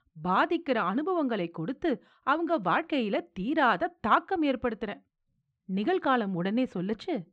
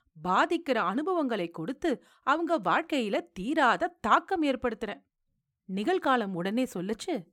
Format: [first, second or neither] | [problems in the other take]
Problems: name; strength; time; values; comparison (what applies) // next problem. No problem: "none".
second | muffled; very slightly; fading above 4 kHz